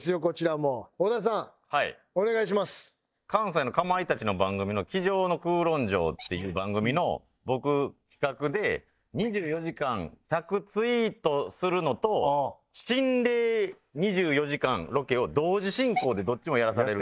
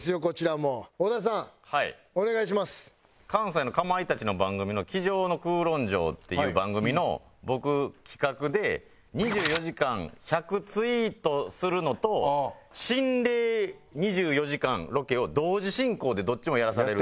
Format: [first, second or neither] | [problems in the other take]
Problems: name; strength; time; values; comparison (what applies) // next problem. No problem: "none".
second | noise reduction (neural mask model DeepFilterNet 3)